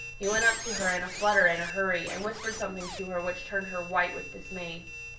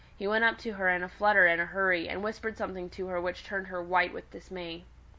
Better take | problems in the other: second | background sound (Squeak); 9 dB below the speech // room echo; dies away in 0.3 s

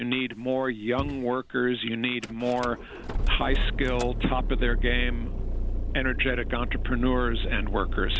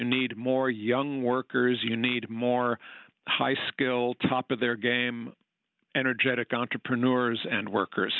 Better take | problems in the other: second | background sound (Idling / Engine starting / Door / Car); as loud as the speech

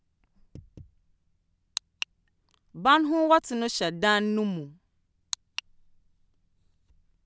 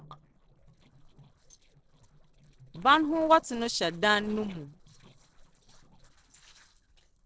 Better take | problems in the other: first | noise reduction (neural separator model SepFormer DNS4)

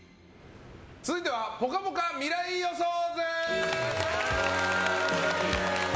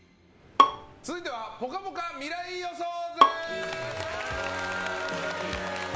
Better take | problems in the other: first | background sound (Bowed string instrument); 4 dB above the speech

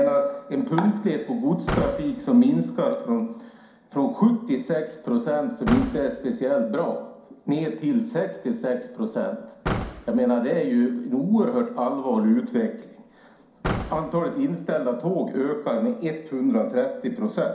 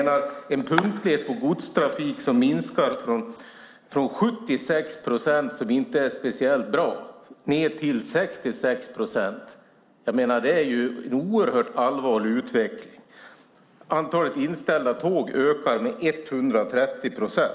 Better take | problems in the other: second | background sound (Slam / Car); 13 dB below the speech // room echo; dies away in 0.5 s

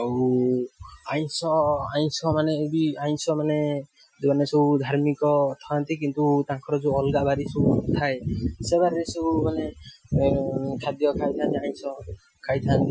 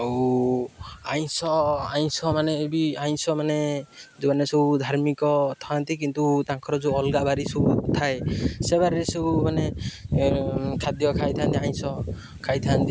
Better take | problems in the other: second | noise reduction (classical method Wiener filter)

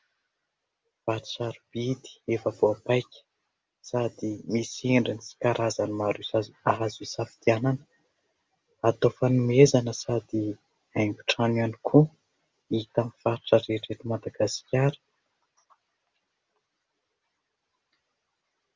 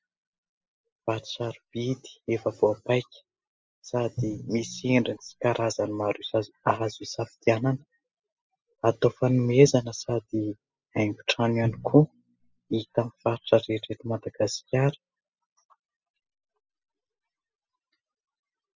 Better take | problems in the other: first | noise reduction (classical method spectral subtraction)

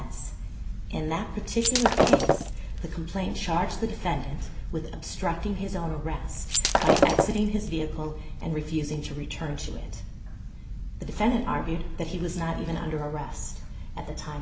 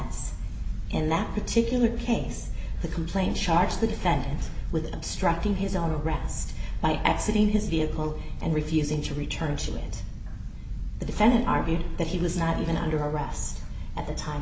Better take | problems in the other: second | background sound (Shatter); 4 dB above the speech

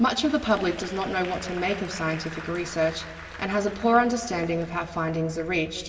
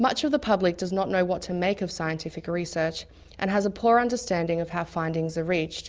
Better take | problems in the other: second | background sound (Applause / Crowd); 16 dB below the speech // room echo; dies away in 1.8 s

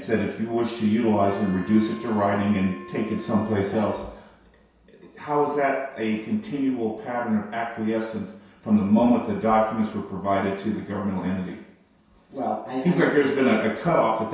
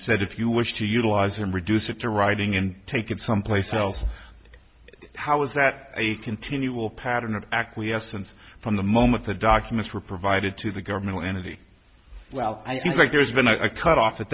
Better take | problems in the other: second | background sound (Wind instrument, woodwind instrument); 17 dB below the speech // room echo; dies away in 0.7 s

